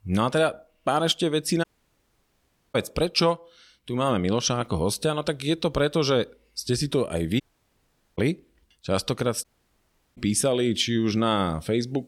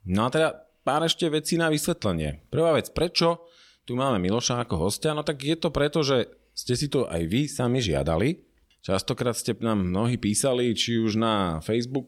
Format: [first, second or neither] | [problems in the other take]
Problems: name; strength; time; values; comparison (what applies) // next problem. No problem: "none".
second | audio cutting out; at 1.5 s for 1 s, at 7.5 s for 1 s and at 9.5 s for 0.5 s